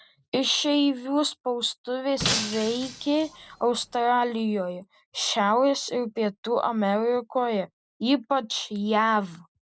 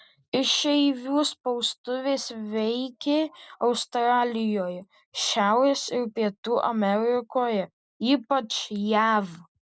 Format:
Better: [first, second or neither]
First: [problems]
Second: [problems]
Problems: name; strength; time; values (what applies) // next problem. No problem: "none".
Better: second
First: background sound (Shatter); 6 dB below the speech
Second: none